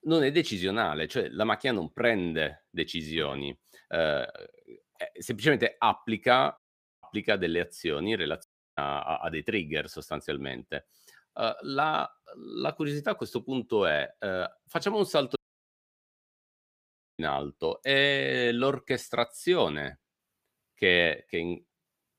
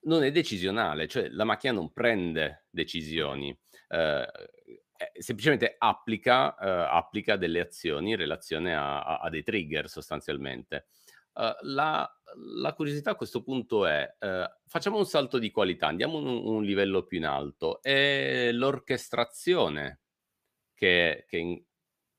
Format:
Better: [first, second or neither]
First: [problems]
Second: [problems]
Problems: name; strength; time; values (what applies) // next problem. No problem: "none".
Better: second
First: audio cutting out; at 6.5 s, at 8.5 s and at 15 s for 2 s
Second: none